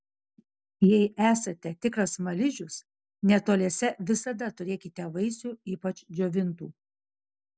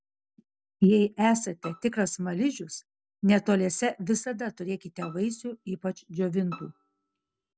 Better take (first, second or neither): first